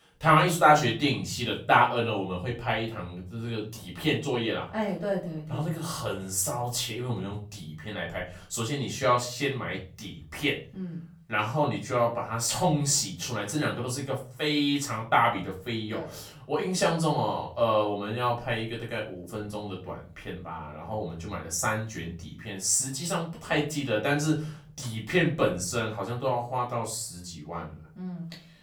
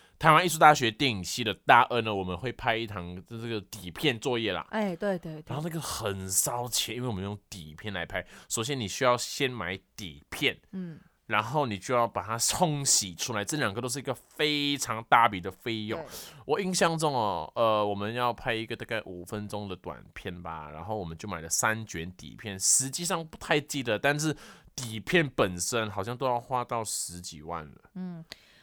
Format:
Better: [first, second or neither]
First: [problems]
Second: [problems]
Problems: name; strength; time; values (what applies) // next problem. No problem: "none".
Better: second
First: off-mic speech; far // room echo; slight; dies away in 0.4 s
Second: none